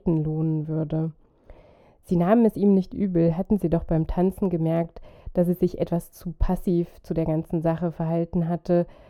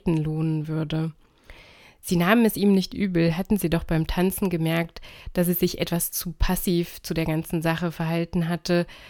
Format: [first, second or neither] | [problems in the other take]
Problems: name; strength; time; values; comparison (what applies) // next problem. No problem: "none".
second | muffled; very; fading above 1.5 kHz